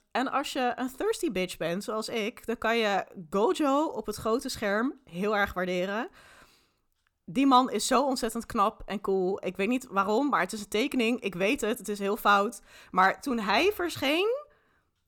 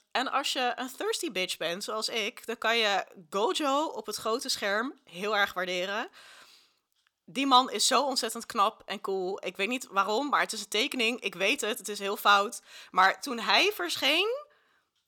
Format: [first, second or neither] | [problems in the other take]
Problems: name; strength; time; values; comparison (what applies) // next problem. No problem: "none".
first | thin; very slightly; fading below 600 Hz